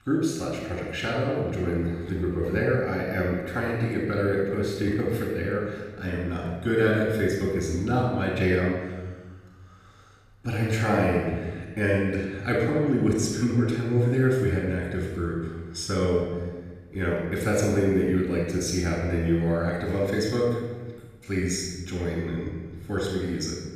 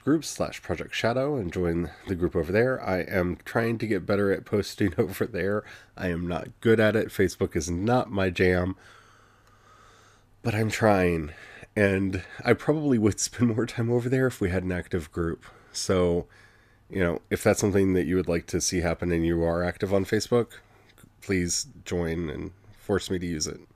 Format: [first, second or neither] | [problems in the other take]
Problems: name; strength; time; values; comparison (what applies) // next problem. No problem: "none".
second | off-mic speech; far // room echo; noticeable; dies away in 1.2 s